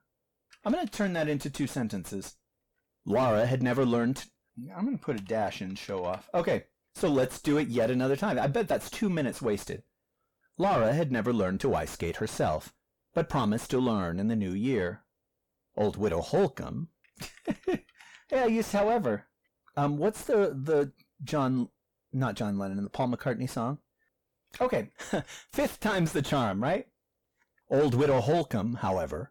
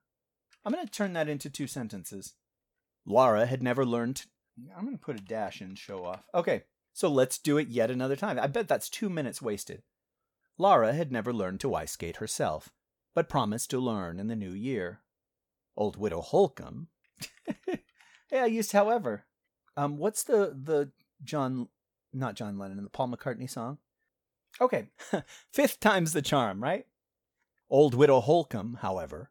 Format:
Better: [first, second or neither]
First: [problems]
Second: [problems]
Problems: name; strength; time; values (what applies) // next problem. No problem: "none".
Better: second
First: distortion; heavy; 5 dB below the speech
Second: none